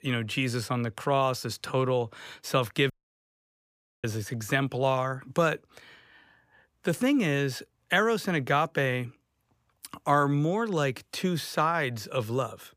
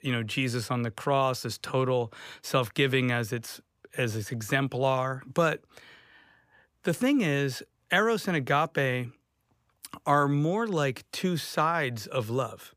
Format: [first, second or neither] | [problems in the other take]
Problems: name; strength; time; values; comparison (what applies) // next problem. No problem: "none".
second | audio cutting out; at 3 s for 1 s